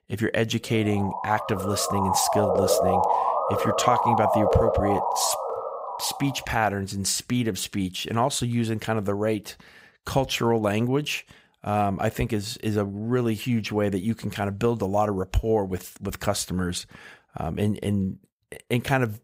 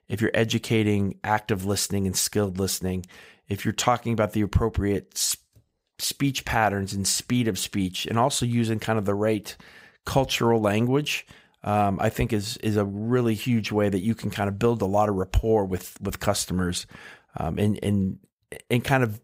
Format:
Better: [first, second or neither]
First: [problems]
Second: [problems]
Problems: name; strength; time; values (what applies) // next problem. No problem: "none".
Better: second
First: siren; loud; from 1 to 6.5 s; peak 4 dB above the speech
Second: none